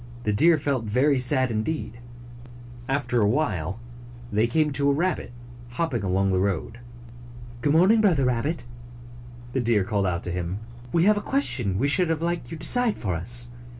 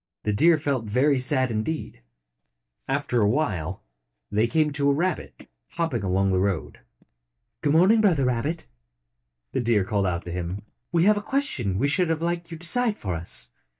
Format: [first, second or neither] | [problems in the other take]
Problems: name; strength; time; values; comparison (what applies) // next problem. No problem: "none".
first | noise reduction (neural mask model DeepFilterNet 3)